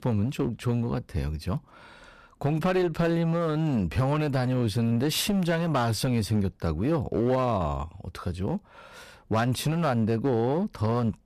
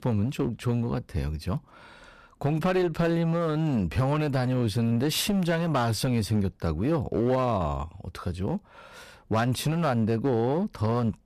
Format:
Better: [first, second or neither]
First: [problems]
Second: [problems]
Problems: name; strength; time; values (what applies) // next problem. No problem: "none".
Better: neither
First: distortion; slight; 12% of the sound clipped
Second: distortion; slight; 12% of the sound clipped